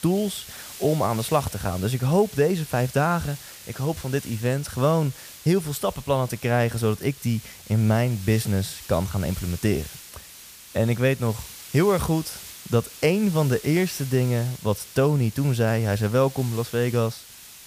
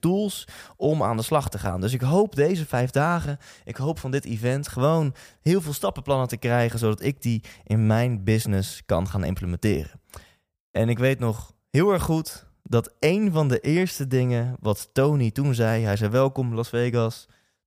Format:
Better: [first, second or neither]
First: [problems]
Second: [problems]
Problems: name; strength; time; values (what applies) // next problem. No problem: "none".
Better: second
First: hiss; noticeable; throughout; 15 dB below the speech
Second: none